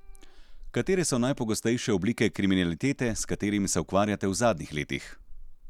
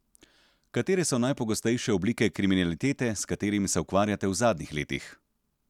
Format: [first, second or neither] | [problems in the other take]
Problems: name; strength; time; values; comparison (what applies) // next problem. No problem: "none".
second | background sound (Meow / Purr); 17 dB below the speech